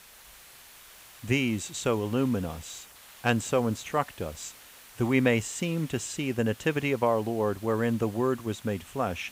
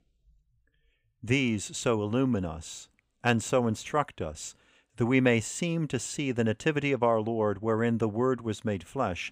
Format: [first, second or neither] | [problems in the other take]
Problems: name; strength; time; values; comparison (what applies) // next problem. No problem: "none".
second | hiss; faint; throughout; 20 dB below the speech